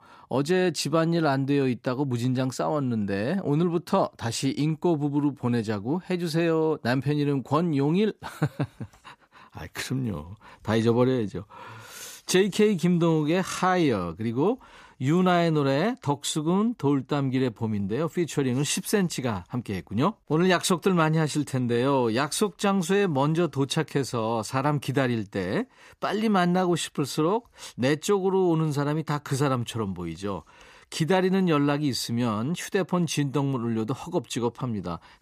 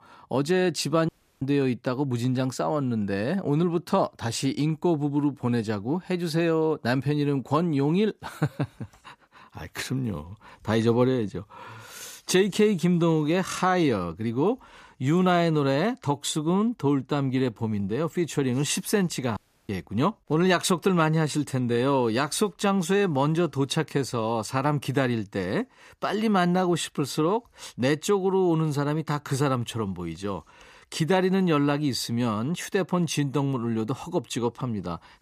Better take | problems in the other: first | audio cutting out; at 1 s and at 19 s

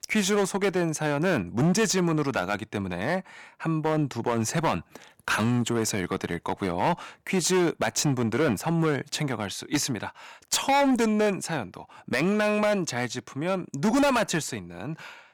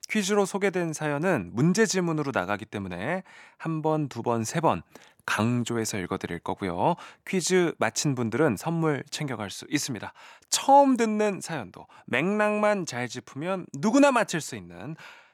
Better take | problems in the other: second | distortion; heavy; 9% of the sound clipped

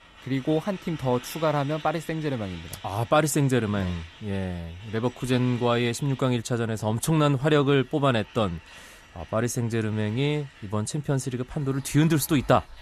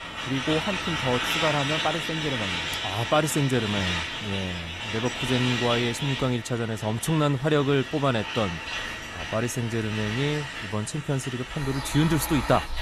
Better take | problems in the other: first | traffic noise; loud; throughout; 3 dB below the speech; faint in the first

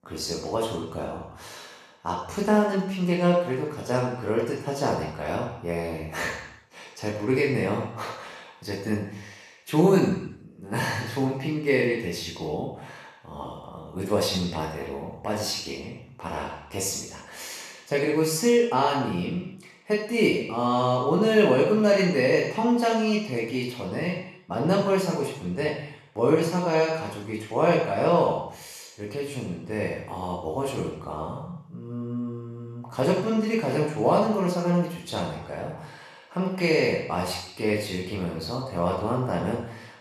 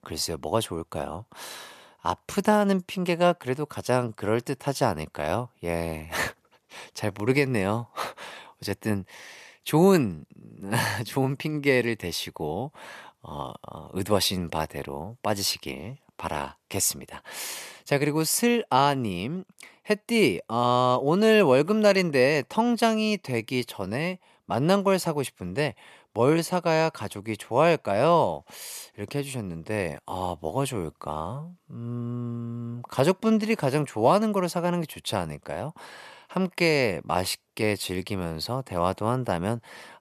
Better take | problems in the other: second | room echo; noticeable; dies away in 0.7 s // off-mic speech; far

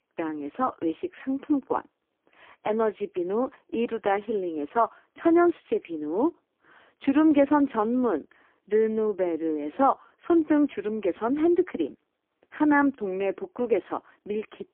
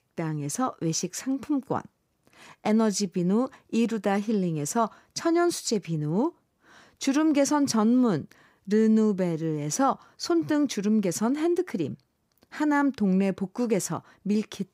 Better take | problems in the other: second | phone-call audio; poor line

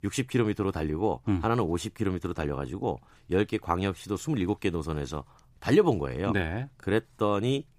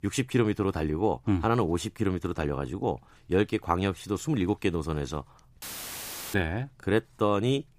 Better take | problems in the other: first | audio cutting out; filled with static; at 5.5 s for 0.5 s

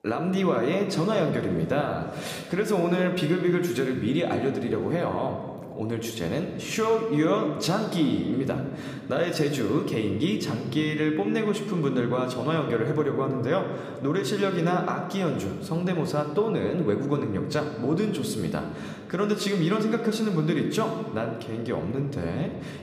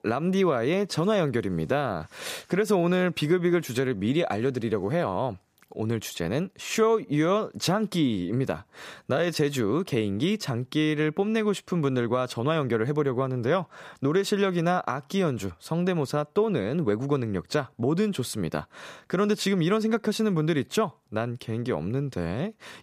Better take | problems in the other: second | room echo; slight; dies away in 1.5 s

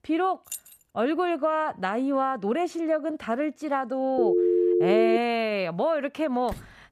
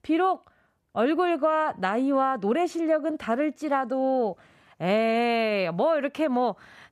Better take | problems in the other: second | jangling keys; faint; at 0.5 s; peak 10 dB below the speech // phone ringing; loud; at 4 s; peak 5 dB above the speech // door banging; faint; at 6.5 s; peak 15 dB below the speech

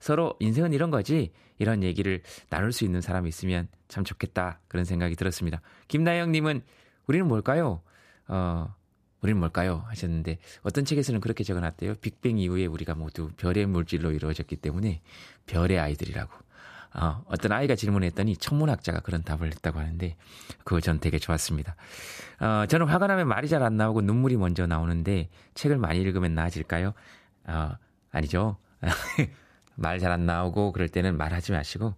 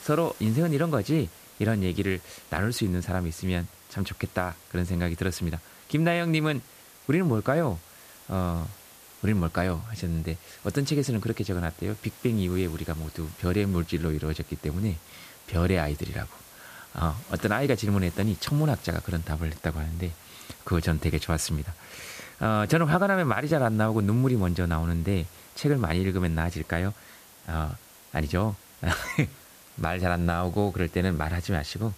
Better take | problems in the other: first | hiss; faint; throughout; 20 dB below the speech

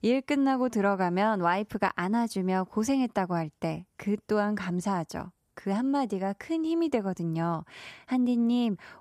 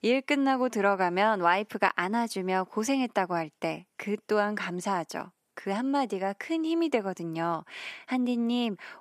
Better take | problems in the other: first | thin; very slightly; fading below 300 Hz

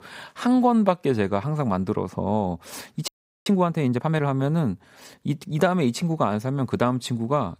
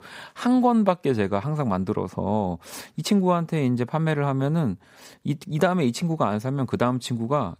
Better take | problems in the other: second | audio freezing; at 3 s

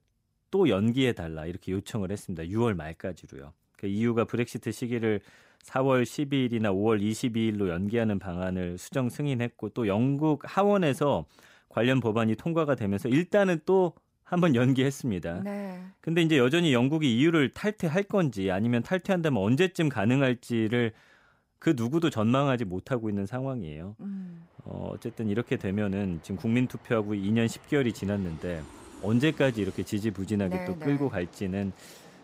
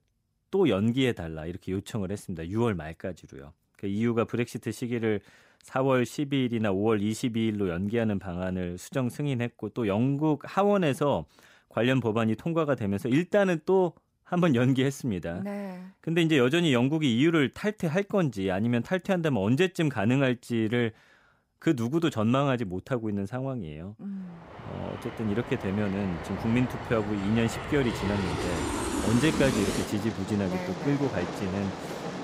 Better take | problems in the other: first | train or aircraft noise; loud; from 24 s on; 6 dB below the speech; faint in the first

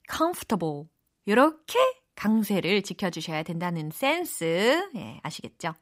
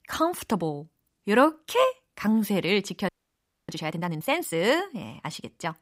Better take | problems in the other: first | audio freezing; at 3 s for 0.5 s

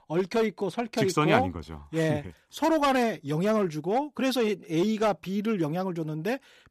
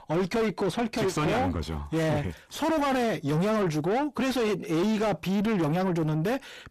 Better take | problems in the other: first | distortion; heavy; 6 dB below the speech

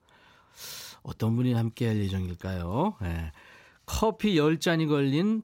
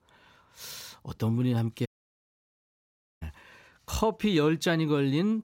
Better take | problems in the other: first | audio cutting out; at 2 s for 1.5 s

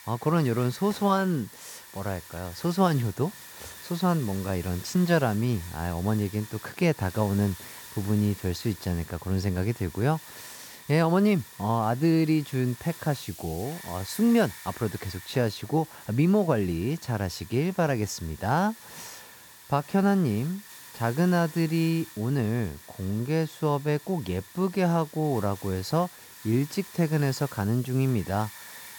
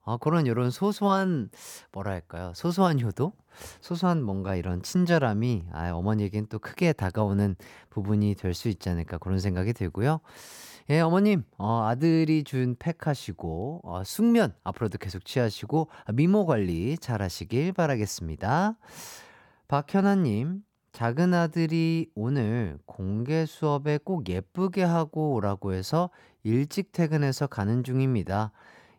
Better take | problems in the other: second | hiss; noticeable; throughout; 15 dB below the speech

